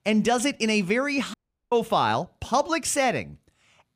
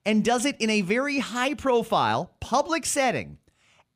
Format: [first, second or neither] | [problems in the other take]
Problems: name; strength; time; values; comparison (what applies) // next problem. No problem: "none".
second | audio cutting out; at 1.5 s